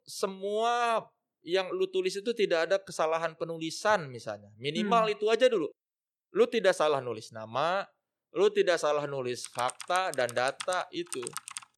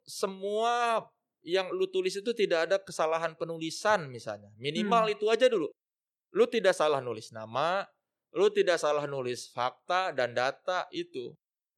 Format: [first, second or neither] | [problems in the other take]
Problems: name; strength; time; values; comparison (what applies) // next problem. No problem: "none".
second | keyboard typing; noticeable; from 9.5 s on; peak 9 dB below the speech